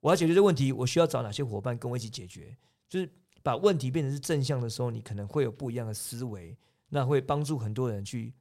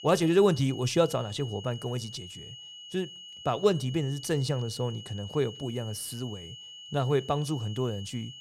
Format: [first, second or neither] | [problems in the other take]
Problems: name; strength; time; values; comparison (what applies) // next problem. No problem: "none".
first | high-pitched whine; noticeable; throughout; 3 kHz, 15 dB below the speech